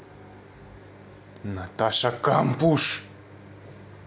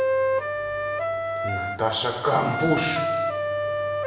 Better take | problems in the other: first | background sound (Wind instrument, woodwind instrument); 2 dB above the speech // room echo; dies away in 1.1 s

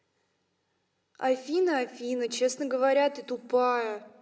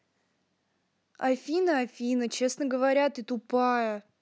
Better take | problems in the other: second | room echo; dies away in 1.7 s

